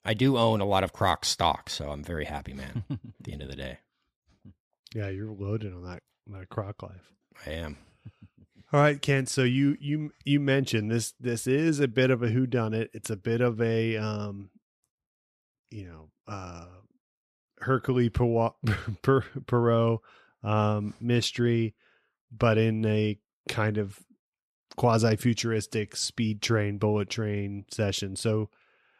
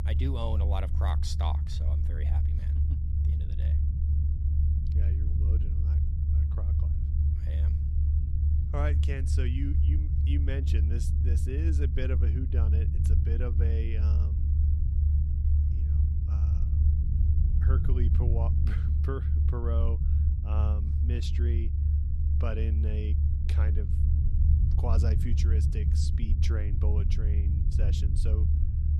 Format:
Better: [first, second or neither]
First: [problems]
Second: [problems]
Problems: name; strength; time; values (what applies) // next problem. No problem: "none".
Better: first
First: none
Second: low rumble; loud; throughout; 2 dB below the speech